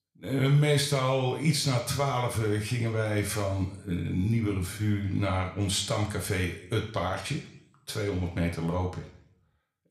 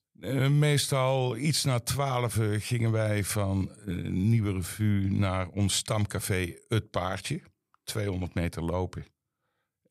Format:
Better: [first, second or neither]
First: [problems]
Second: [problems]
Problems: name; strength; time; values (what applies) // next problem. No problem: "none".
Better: second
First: room echo; slight; dies away in 0.6 s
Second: none